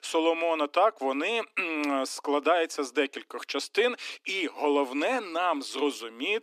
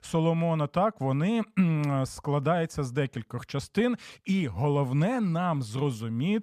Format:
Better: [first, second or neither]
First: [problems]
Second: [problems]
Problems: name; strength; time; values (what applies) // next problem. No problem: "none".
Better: second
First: thin; somewhat; fading below 300 Hz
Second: none